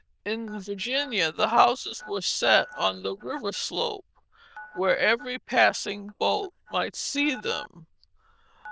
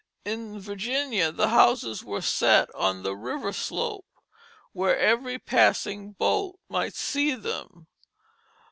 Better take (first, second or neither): second